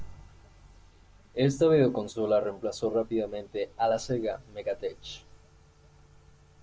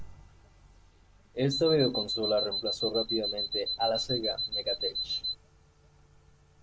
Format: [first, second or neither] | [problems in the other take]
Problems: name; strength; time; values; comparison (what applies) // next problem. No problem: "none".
first | background sound (Alarm); 1 dB below the speech